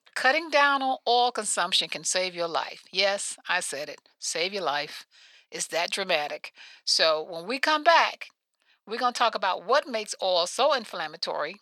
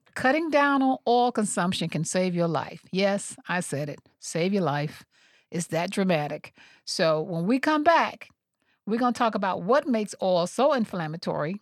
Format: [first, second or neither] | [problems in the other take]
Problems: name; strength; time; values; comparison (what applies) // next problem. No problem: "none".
second | thin; very; fading below 600 Hz